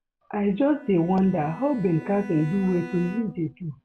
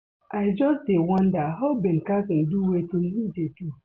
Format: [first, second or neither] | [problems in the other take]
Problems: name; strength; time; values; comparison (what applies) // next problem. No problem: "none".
second | background sound (Bowed string instrument); 17 dB below the speech